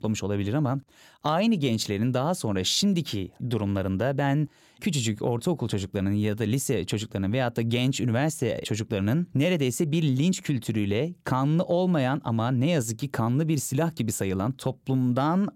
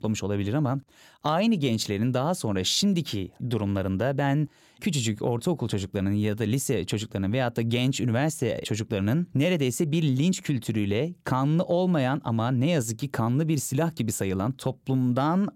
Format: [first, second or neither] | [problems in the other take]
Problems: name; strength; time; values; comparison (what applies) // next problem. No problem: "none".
neither | none